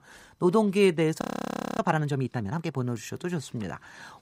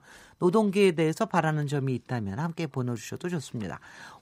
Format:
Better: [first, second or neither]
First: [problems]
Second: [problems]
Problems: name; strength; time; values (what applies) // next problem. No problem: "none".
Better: second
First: audio freezing; at 1 s for 0.5 s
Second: none